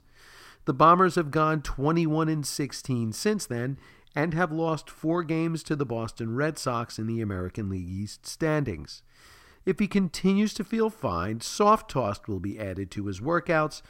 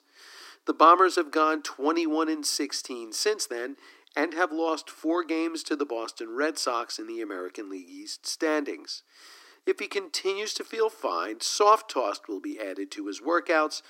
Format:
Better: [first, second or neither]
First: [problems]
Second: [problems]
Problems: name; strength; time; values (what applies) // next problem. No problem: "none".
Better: first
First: none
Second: thin; somewhat; fading below 300 Hz